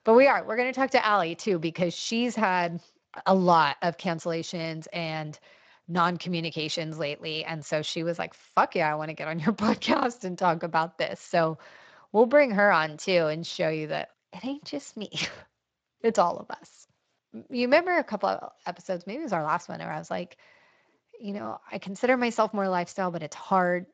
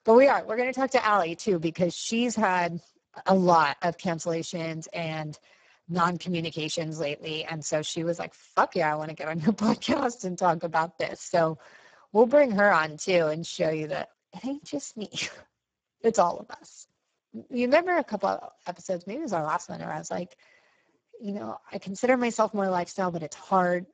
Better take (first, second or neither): first